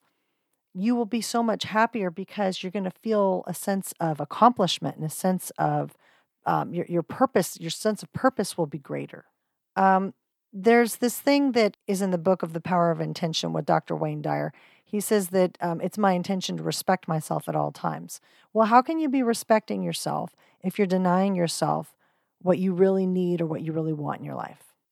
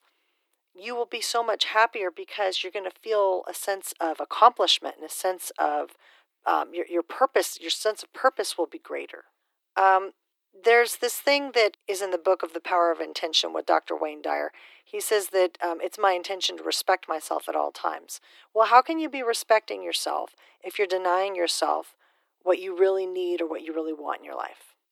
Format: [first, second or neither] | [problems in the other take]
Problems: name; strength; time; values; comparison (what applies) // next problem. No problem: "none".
first | thin; very; fading below 350 Hz